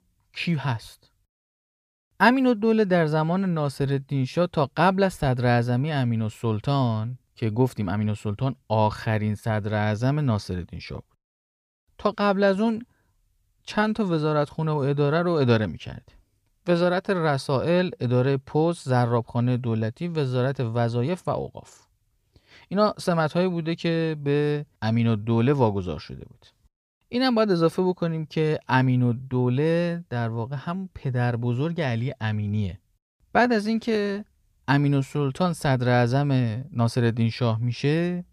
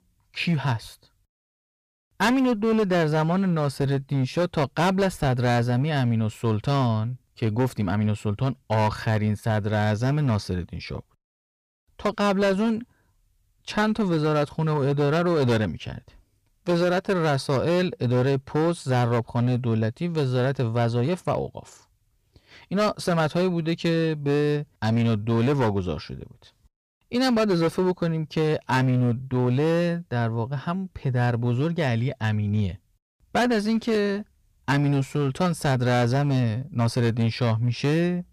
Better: first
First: none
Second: distortion; slight; 11% of the sound clipped

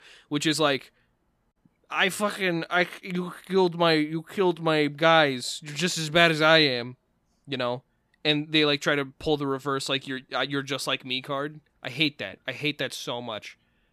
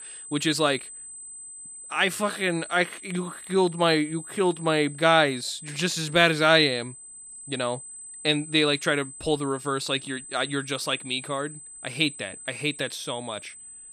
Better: first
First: none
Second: high-pitched whine; noticeable; throughout; 8 kHz, 15 dB below the speech

